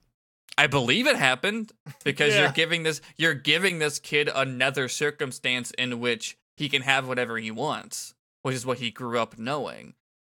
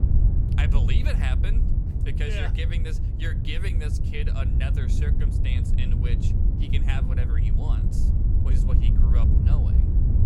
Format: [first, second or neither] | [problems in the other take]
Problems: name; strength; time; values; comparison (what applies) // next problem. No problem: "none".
first | wind noise on the microphone; heavy; 2 dB below the speech